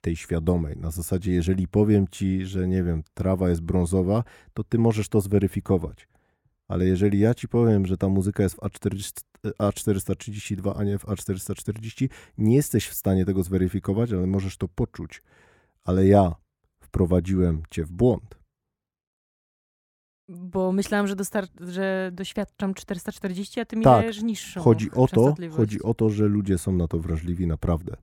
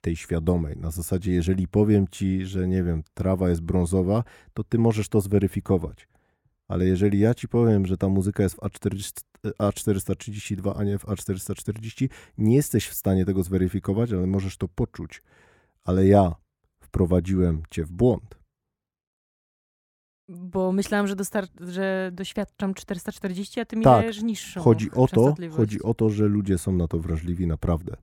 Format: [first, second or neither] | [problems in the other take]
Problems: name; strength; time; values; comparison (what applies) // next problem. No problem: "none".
neither | none